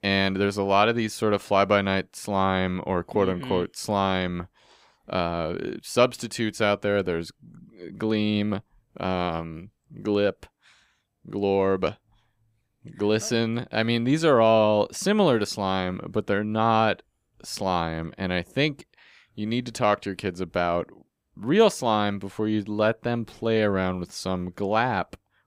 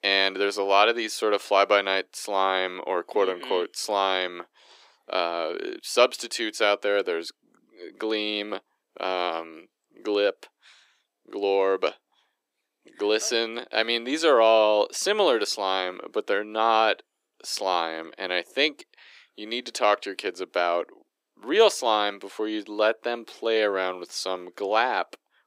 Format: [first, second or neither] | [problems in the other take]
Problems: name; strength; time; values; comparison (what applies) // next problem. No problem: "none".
first | thin; very; fading below 350 Hz